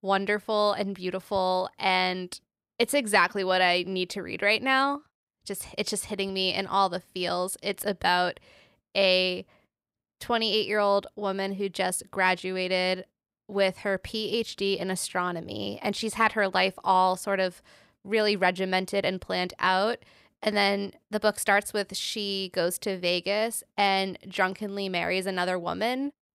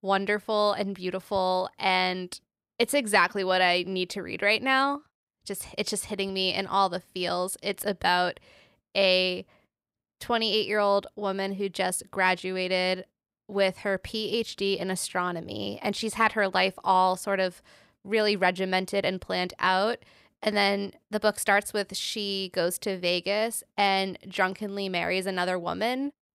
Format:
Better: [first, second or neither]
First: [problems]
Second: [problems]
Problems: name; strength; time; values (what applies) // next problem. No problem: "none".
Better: neither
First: none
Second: none